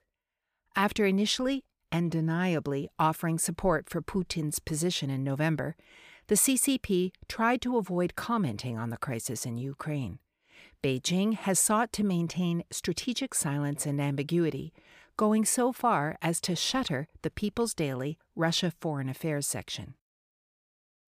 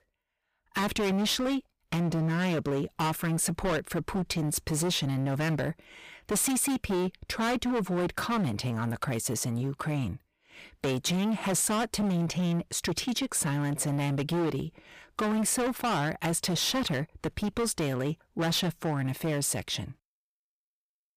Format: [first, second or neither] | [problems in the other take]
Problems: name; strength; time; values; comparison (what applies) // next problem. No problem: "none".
first | distortion; heavy; 22% of the sound clipped